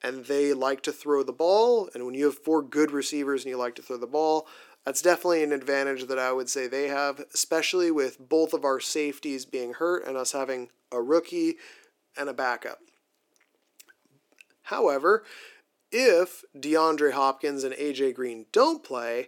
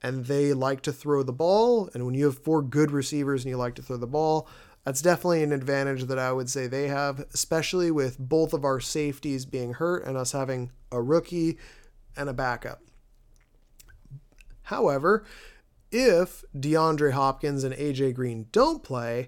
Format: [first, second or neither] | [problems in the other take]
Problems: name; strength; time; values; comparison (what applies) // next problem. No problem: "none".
second | thin; very slightly; fading below 300 Hz